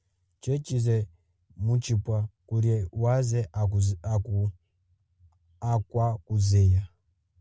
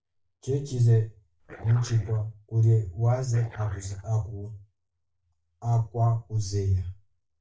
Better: first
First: none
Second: noise reduction (neural mask model DeepFilterNet 3)

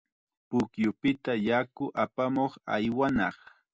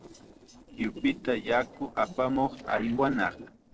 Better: first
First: none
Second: noise reduction (neural separator model SepFormer DNS4)

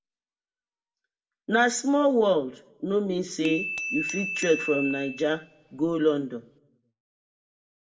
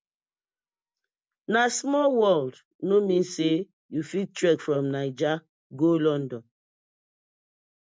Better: second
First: background sound (Glass / Bell); 8 dB below the speech // room echo; dies away in 0.4 s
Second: none

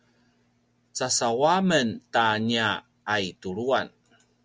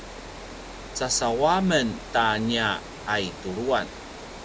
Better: first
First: none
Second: background sound (Water); 13 dB below the speech

